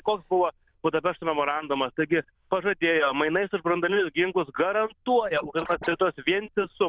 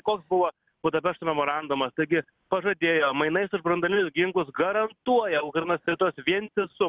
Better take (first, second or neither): second